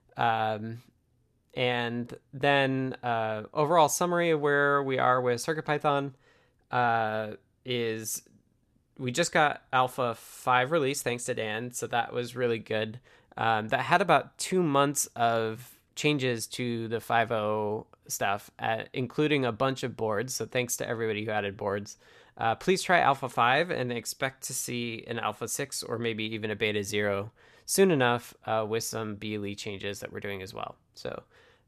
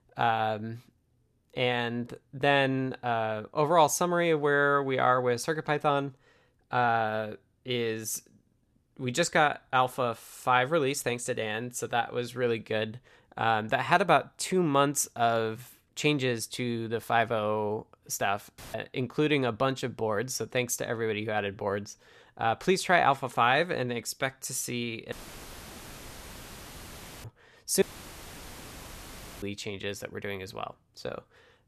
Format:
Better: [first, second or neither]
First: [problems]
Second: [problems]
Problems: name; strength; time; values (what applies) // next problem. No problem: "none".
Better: first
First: none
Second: audio cutting out; filled with static; at 19 s, at 25 s for 2 s and at 28 s for 1.5 s